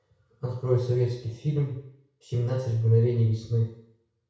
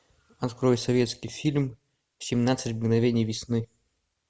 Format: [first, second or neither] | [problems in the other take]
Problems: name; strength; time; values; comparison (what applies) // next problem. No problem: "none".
second | room echo; dies away in 0.6 s